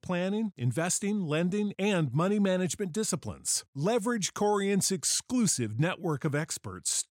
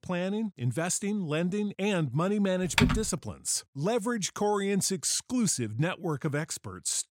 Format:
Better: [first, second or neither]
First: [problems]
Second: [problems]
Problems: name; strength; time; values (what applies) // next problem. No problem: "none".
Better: first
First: none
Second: keyboard typing; loud; at 3 s; peak 4 dB above the speech